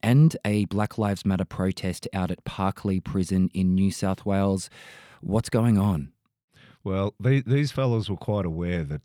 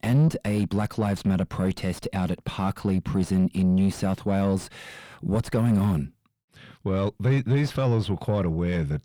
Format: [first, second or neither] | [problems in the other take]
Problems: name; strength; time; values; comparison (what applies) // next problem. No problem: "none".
first | distortion; slight; 10 dB below the speech